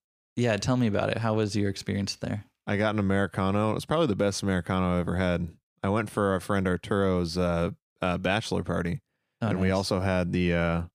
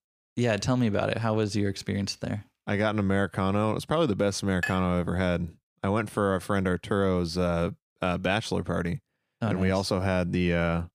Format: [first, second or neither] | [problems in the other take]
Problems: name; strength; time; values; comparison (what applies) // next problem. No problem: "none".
first | clattering dishes; noticeable; at 4.5 s; peak 6 dB below the speech